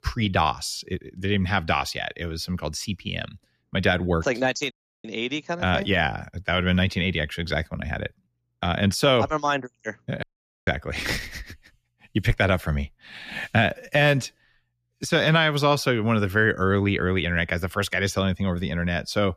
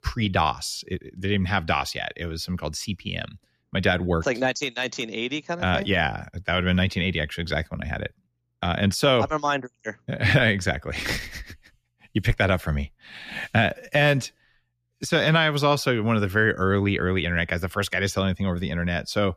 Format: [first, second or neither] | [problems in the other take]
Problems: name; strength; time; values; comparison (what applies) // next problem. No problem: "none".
second | audio cutting out; at 4.5 s and at 10 s